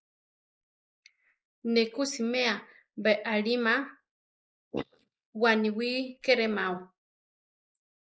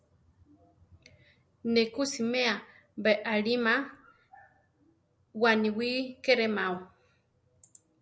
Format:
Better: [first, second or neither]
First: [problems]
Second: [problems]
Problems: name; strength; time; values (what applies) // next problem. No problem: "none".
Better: second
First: noise reduction (neural mask model Resemble Enhance denoiser)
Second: none